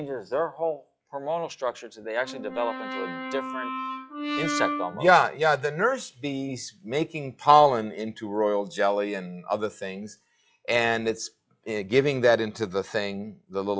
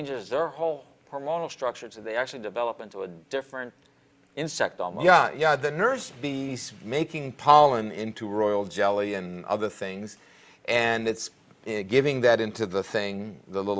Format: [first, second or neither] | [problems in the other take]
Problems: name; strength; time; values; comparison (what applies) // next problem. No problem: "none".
second | noise reduction (classical method log-MMSE)